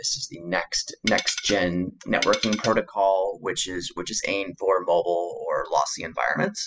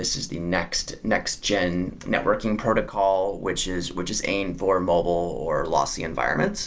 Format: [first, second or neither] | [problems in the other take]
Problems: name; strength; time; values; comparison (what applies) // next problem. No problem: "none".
second | noise reduction (classical method spectral subtraction)